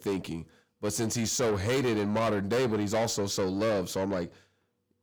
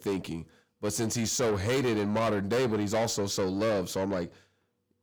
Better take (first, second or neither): neither